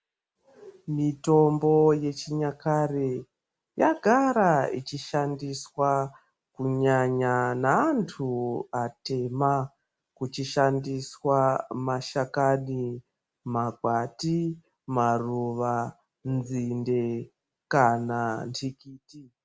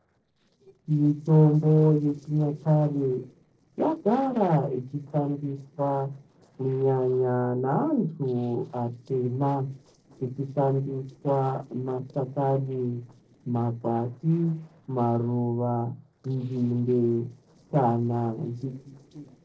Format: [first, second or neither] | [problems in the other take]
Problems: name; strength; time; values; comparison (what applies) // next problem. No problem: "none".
first | noise reduction (neural separator model SepFormer DNS4)